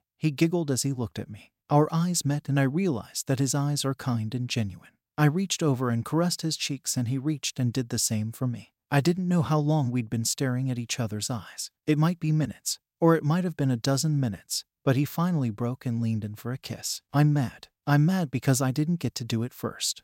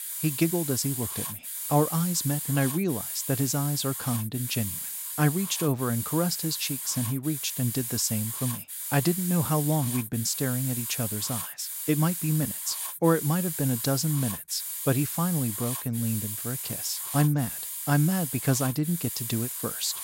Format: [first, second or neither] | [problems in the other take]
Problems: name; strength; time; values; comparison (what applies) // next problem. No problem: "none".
first | hiss; loud; throughout; 4 dB below the speech